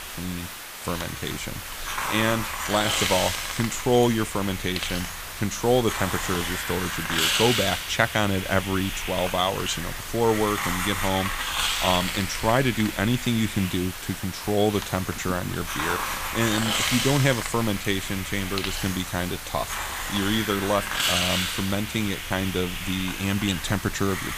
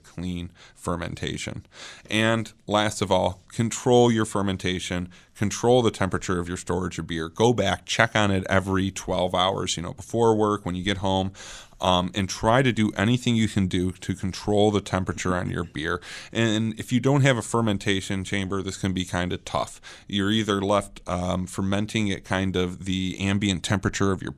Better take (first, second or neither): second